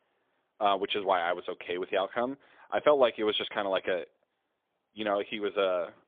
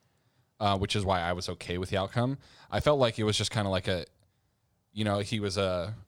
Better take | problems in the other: second | phone-call audio; poor line; nothing above 3.5 kHz

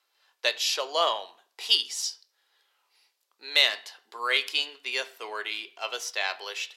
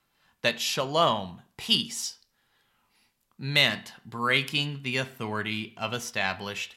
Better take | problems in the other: second | thin; very; fading below 400 Hz

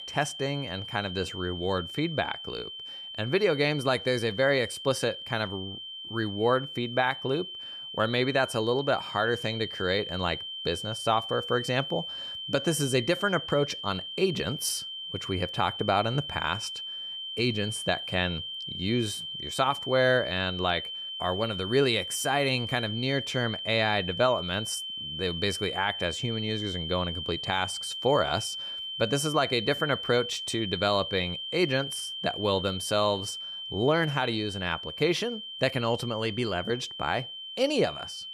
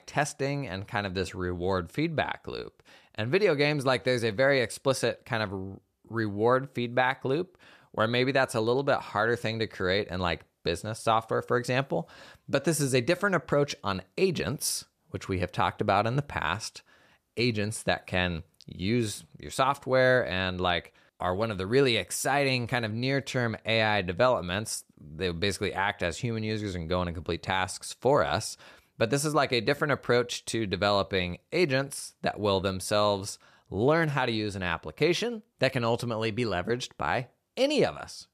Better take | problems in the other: second | high-pitched whine; loud; throughout; 3 kHz, 6 dB below the speech

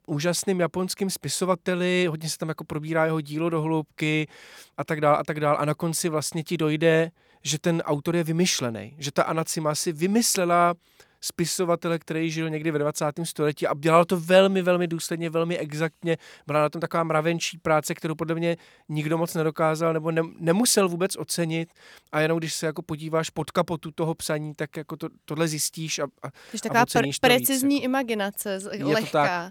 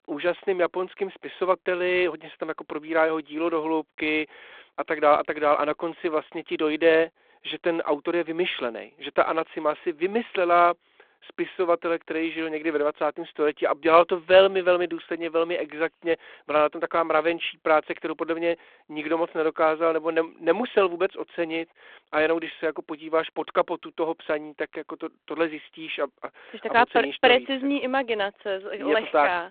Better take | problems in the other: first | phone-call audio

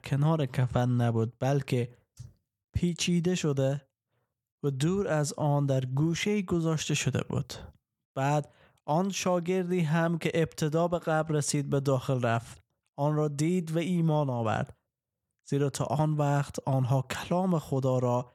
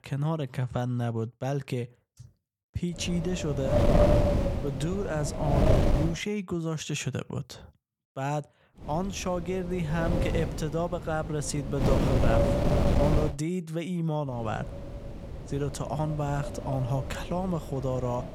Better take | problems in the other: first | wind noise on the microphone; heavy; from 3 to 6 s, from 9 to 13 s and from 14 s on; 3 dB above the speech

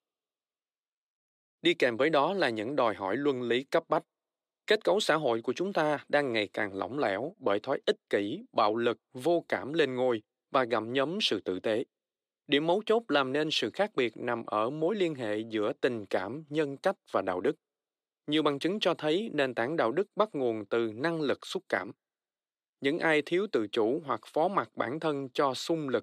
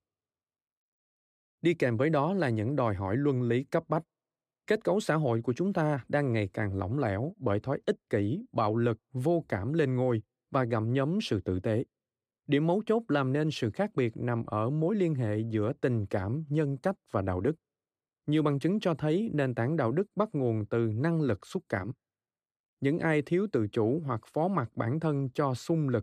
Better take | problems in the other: second | thin; somewhat; fading below 350 Hz

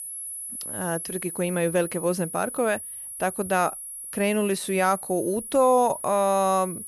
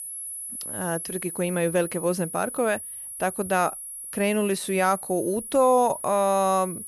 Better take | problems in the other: neither | high-pitched whine; loud; throughout; 10 kHz, 9 dB below the speech; the same in both

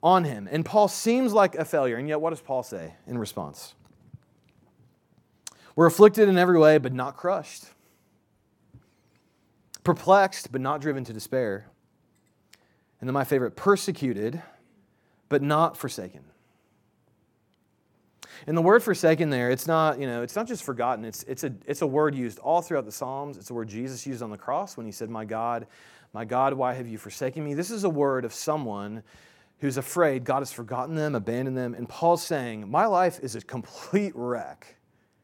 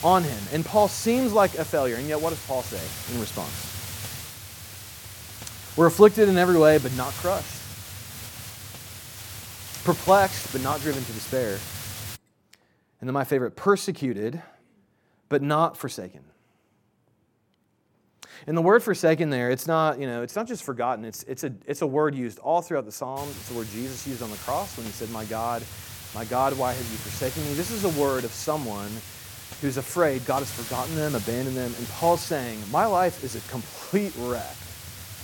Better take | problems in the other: first | hiss; noticeable; until 12 s and from 23 s on; 10 dB below the speech

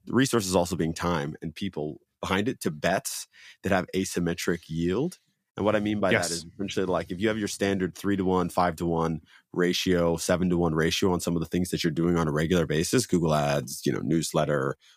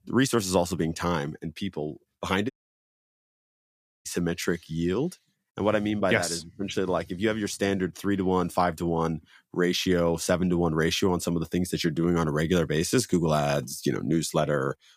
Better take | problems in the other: first | audio cutting out; at 2.5 s for 1.5 s

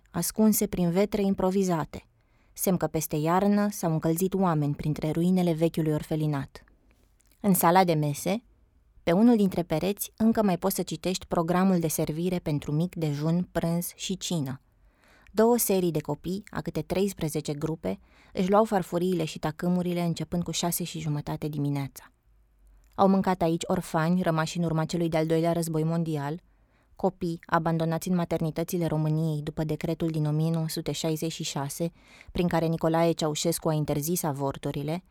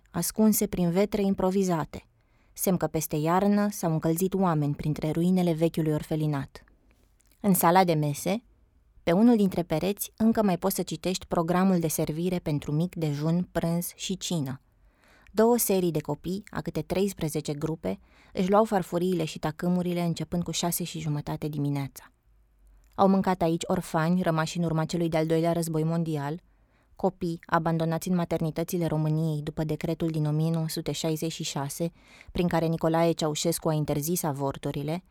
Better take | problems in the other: neither | none

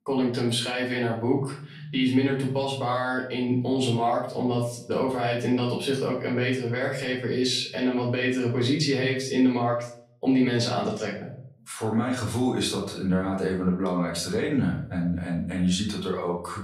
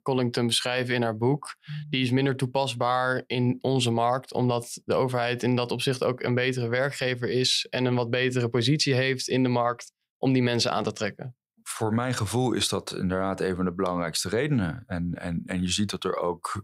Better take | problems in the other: second | off-mic speech; far // room echo; slight; dies away in 0.5 s

